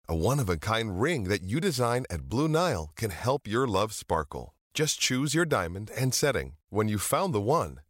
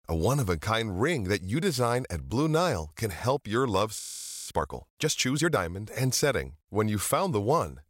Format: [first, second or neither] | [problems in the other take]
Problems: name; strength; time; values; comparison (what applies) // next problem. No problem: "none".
first | audio freezing; at 4 s